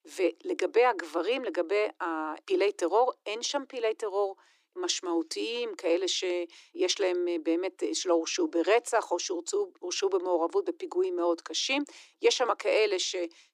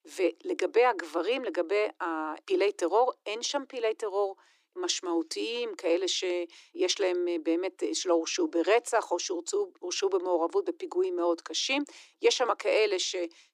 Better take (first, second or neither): neither